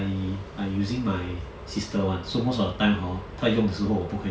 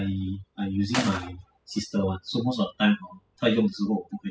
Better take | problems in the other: first | noise reduction (classical method spectral subtraction)

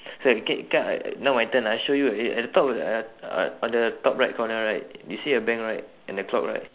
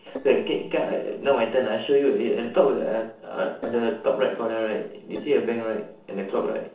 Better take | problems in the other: first | noise reduction (neural separator model SepFormer DNS4)

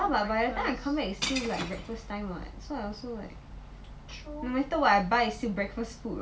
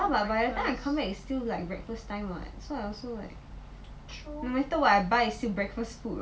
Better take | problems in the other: second | background sound (Shatter / Crushing); 10 dB below the speech

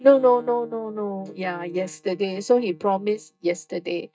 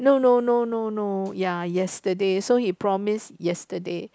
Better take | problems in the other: second | noise reduction (neural mask model DeepFilterNet 3)

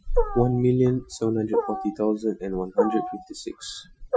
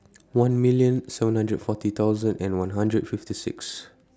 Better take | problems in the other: second | noise reduction (classical method Wiener filter)

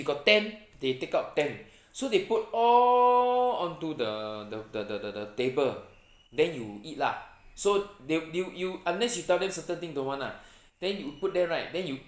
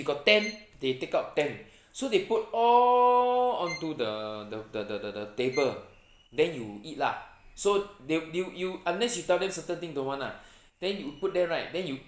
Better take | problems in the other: first | background sound (Bowed string instrument); 17 dB below the speech

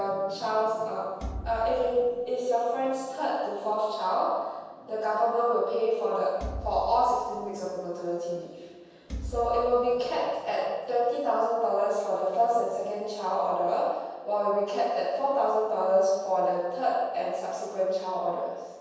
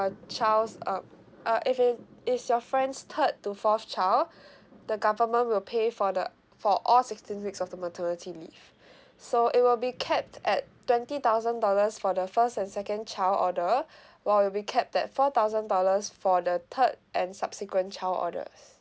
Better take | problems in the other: second | background sound (Thump, thud); 11 dB below the speech // room echo; dies away in 1.2 s

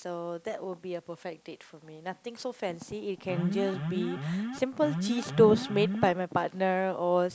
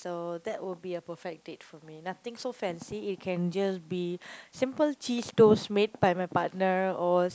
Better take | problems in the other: second | background sound (Alarm); 4 dB below the speech

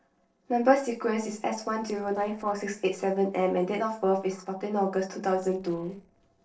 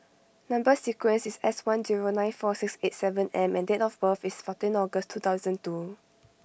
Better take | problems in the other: second | noise reduction (neural separator model SepFormer DNS4)

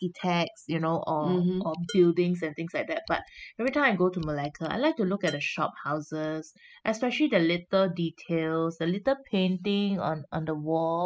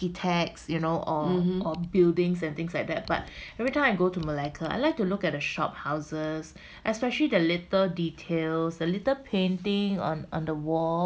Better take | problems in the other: second | noise reduction (classical method spectral subtraction)

